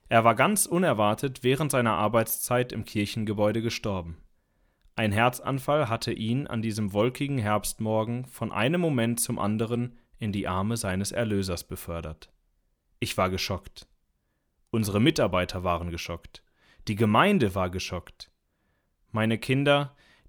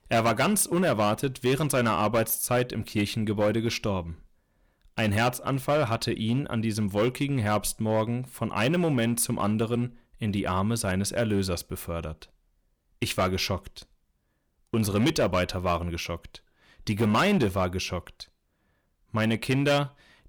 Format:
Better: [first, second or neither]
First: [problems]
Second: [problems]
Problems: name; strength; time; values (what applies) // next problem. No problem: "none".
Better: first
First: none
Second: distortion; slight; 5% of the sound clipped